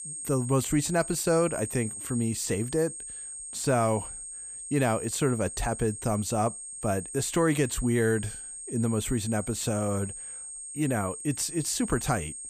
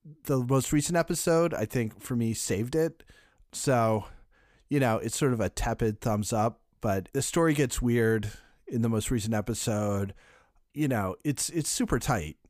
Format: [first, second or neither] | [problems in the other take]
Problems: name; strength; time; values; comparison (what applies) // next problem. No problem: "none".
second | high-pitched whine; loud; throughout; 8.5 kHz, 8 dB below the speech